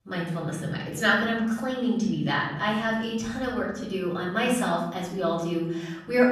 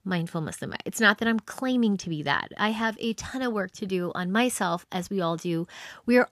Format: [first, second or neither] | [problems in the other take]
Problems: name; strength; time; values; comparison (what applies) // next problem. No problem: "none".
second | off-mic speech; far // room echo; noticeable; dies away in 1.2 s